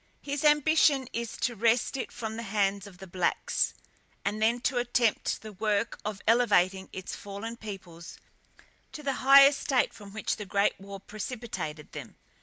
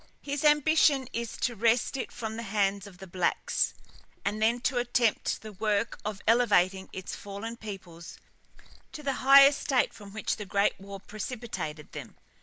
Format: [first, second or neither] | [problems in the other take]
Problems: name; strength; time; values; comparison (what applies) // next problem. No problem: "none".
first | background sound (Liquid); 18 dB below the speech